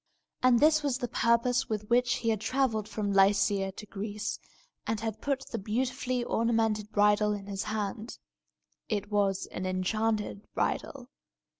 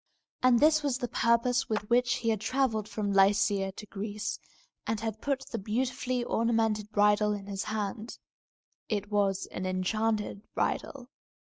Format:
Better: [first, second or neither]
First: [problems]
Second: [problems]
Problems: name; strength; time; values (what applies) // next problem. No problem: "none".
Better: first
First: none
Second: noise reduction (neural mask model RNNoise)